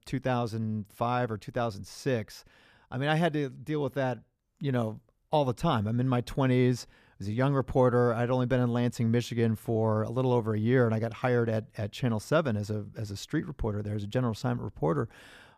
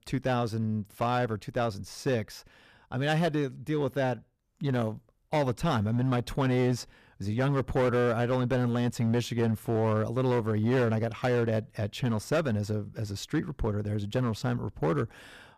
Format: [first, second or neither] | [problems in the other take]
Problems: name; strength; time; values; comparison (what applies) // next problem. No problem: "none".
first | distortion; slight; 8% of the sound clipped